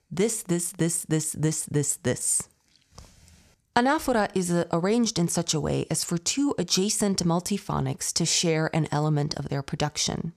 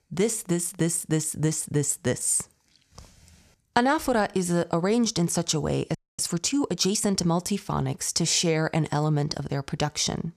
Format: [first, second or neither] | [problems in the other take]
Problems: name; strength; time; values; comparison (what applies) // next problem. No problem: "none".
first | audio freezing; at 6 s